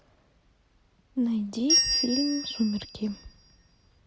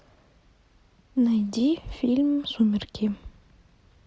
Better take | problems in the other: second | background sound (Bell); 1 dB above the speech

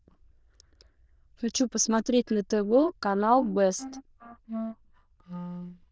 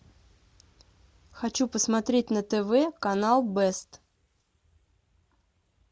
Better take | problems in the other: second | noise reduction (neural diffusion model UNIVERSE++)

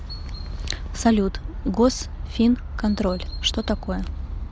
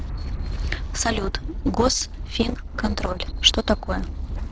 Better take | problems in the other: first | noise reduction (neural separator model SepFormer DNS4)

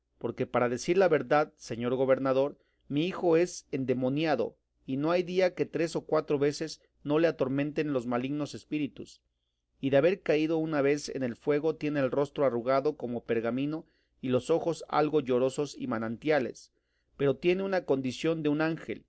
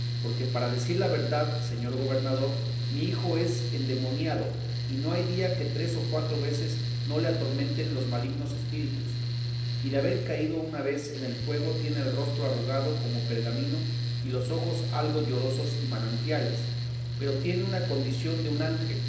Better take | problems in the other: first | background sound (Mechanical fan); 3 dB above the speech // room echo; dies away in 0.9 s

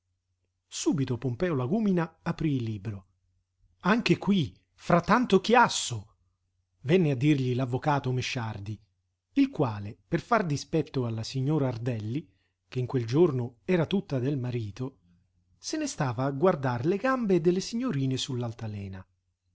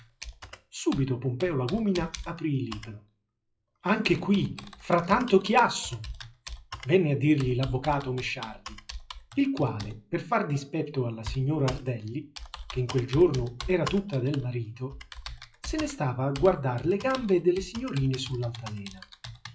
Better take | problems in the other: first | noise reduction (classical method WPE with log-MMSE)

